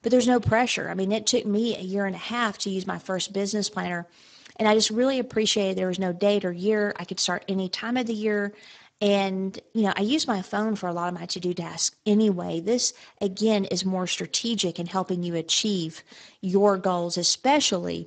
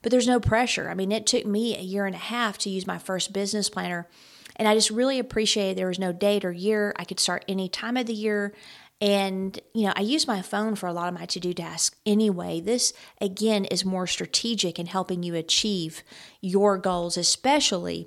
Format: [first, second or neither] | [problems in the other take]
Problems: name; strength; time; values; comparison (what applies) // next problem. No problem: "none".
second | garbled, watery; badly; nothing above 7.5 kHz